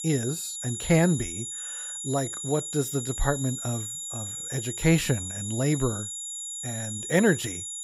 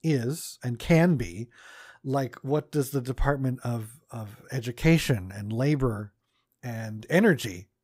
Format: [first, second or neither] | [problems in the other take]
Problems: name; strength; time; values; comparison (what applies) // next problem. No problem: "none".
second | high-pitched whine; loud; throughout; 7 kHz, 5 dB below the speech